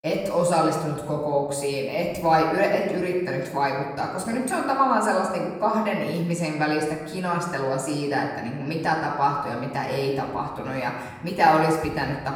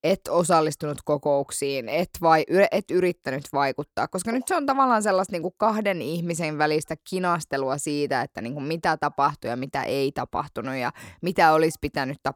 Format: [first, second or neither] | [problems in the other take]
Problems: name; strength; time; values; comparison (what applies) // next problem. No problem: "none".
second | off-mic speech; far // room echo; noticeable; dies away in 1 s